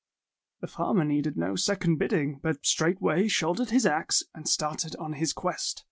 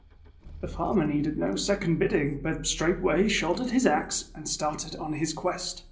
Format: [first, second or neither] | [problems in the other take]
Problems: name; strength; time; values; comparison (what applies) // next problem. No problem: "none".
first | background sound (Rattle / Engine starting / Car); 16 dB below the speech // room echo; dies away in 0.5 s